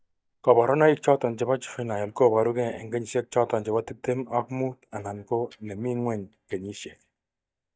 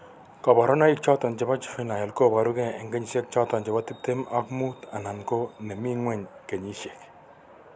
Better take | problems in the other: second | noise reduction (neural mask model DeepFilterNet 3)

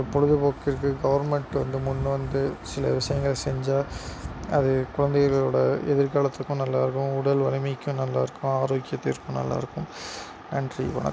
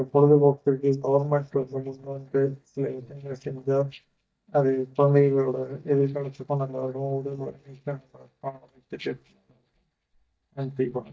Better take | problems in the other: first | noise reduction (neural mask model DeepFilterNet 3)

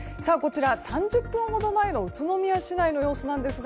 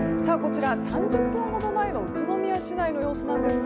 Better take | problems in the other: first | background sound (Keyboard (musical)); 1 dB above the speech

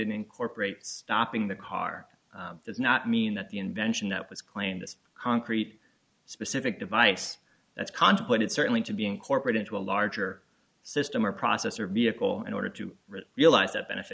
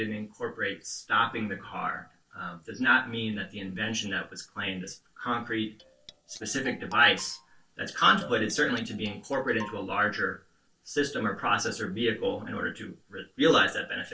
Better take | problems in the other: first | noise reduction (neural separator model SepFormer DNS4)

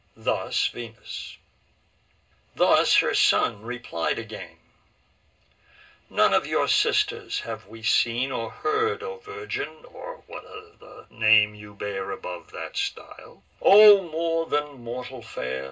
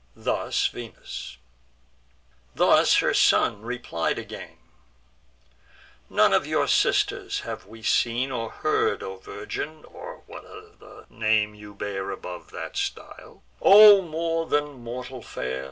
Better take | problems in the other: second | room echo; dies away in 0.2 s

